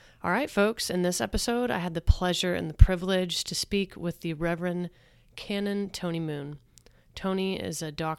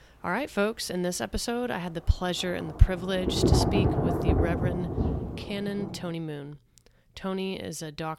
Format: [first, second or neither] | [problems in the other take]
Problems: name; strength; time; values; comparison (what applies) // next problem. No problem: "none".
first | rain or running water; very loud; until 6 s; 2 dB above the speech